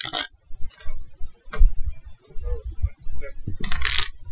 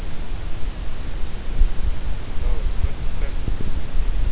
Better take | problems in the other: second | noise reduction (classical method Wiener filter)

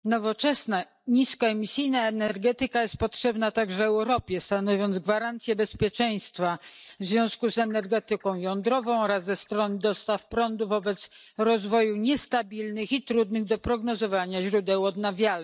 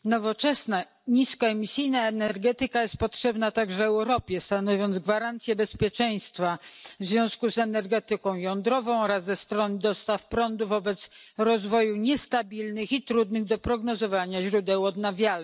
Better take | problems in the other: second | noise reduction (neural mask model DeepFilterNet 3)

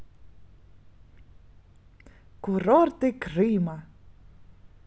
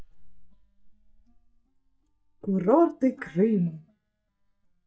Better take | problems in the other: first | noise reduction (neural mask model DeepFilterNet 3)

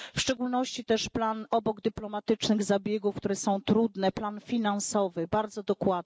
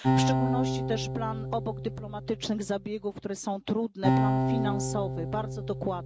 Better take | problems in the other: first | background sound (Acoustic guitar); 3 dB above the speech

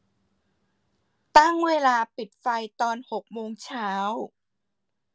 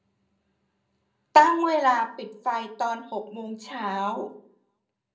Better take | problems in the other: first | room echo; dies away in 0.4 s

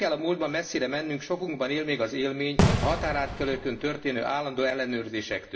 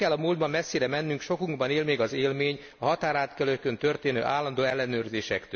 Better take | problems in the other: second | background sound (Fireworks); 2 dB above the speech // room echo; dies away in 0.5 s

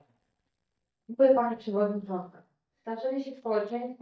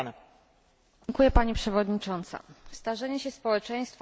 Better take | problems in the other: second | noise reduction (neural mask model DeepFilterNet 3)

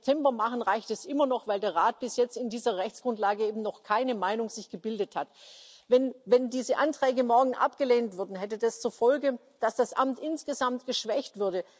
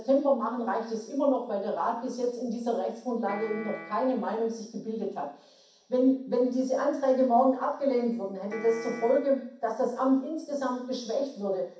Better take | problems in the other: first | background sound (Piano); 15 dB below the speech // room echo; dies away in 0.6 s

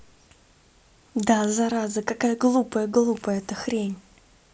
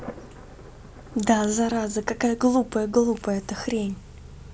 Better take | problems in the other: first | background sound (Thunder + Idling / Accelerating, revving, vroom / Car); 17 dB below the speech

